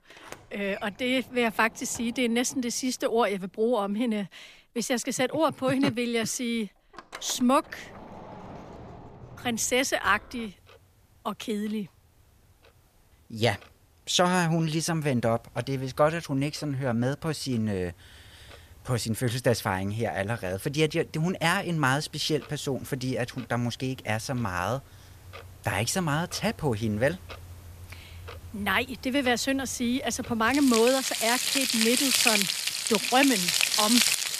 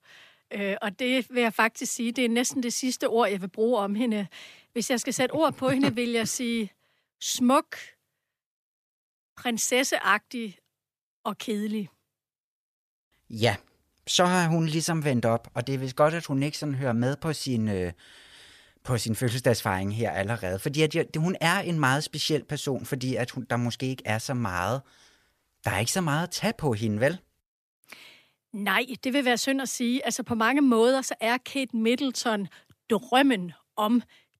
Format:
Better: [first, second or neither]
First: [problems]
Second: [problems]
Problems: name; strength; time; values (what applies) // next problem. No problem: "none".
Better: second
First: household noises; very loud; throughout; 2 dB above the speech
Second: none